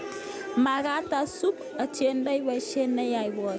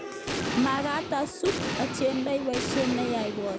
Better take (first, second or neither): first